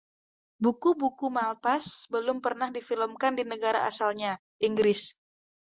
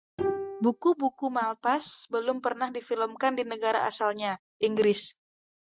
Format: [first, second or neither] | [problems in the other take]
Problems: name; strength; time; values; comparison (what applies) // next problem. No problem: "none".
first | noise reduction (neural mask model RNNoise)